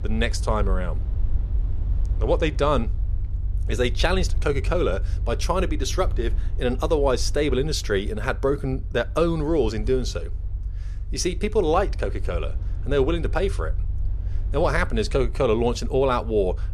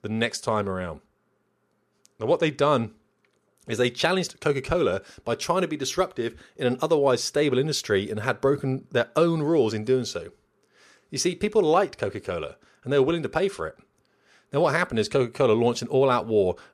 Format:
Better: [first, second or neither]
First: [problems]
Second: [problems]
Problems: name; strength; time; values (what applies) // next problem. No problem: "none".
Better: second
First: low rumble; faint; throughout; 25 dB below the speech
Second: none